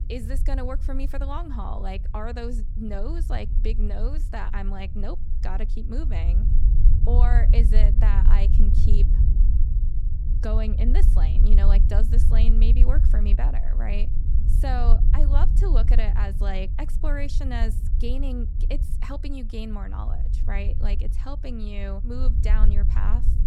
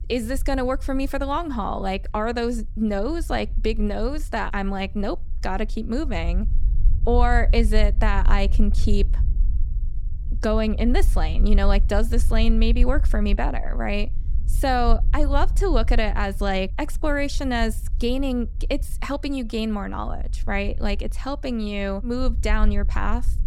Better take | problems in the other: second | low rumble; loud; throughout; 7 dB below the speech; faint in the second

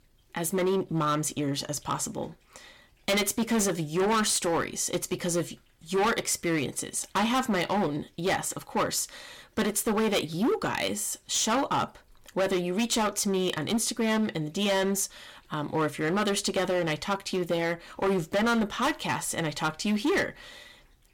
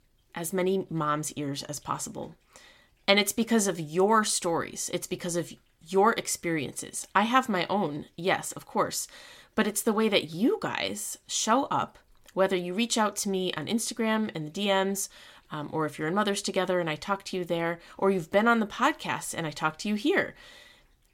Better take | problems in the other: second | distortion; heavy; 12% of the sound clipped

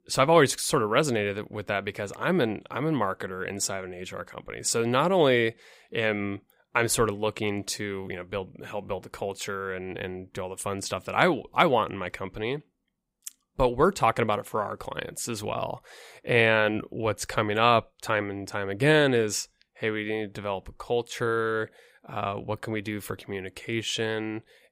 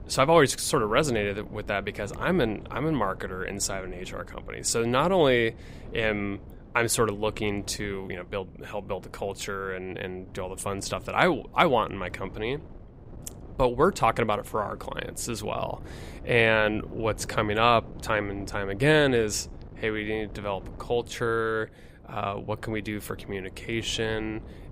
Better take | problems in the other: first | wind noise on the microphone; occasional gusts; 25 dB below the speech

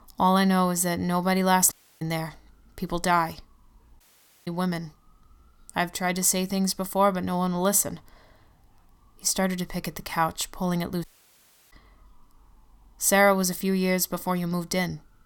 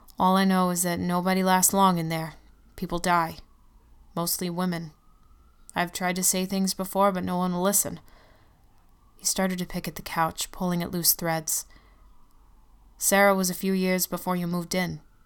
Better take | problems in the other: second | audio cutting out; at 1.5 s, at 4 s and at 11 s for 0.5 s

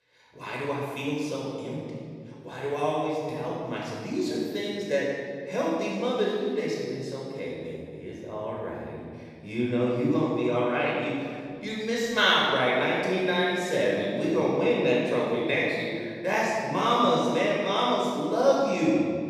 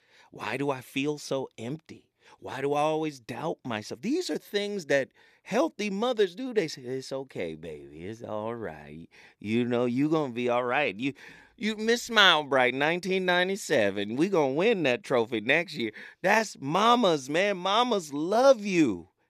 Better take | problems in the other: second | room echo; strong; dies away in 2.1 s // off-mic speech; far

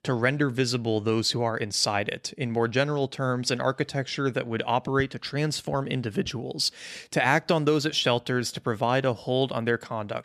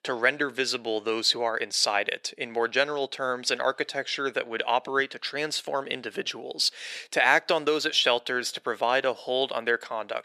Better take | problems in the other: first | thin; somewhat; fading below 500 Hz

